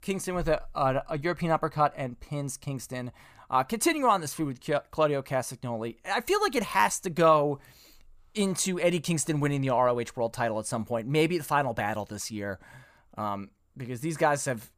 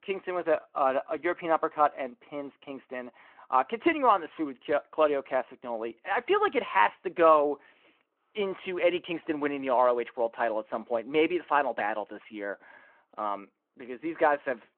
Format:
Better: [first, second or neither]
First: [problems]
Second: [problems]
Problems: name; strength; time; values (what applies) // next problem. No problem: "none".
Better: first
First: none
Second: phone-call audio